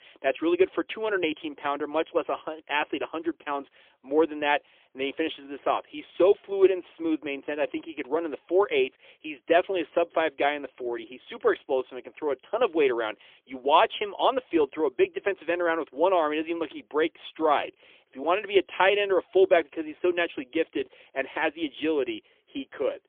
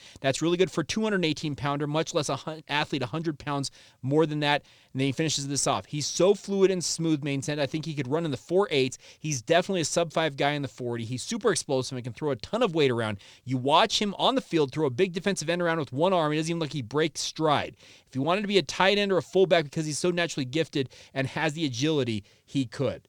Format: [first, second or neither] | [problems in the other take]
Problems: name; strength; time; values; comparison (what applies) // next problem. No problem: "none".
second | phone-call audio; poor line; nothing above 3.5 kHz